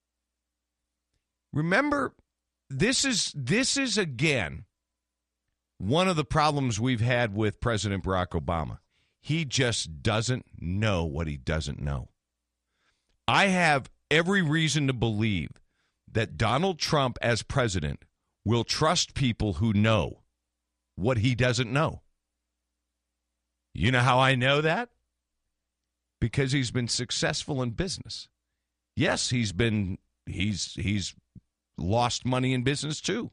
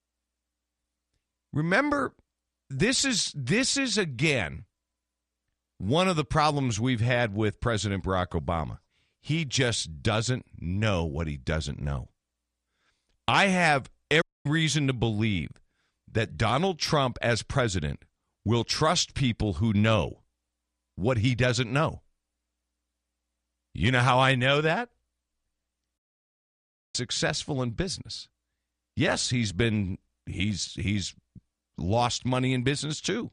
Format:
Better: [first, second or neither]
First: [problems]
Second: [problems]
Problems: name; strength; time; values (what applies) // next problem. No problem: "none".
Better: first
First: none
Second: audio cutting out; at 14 s and at 26 s for 1 s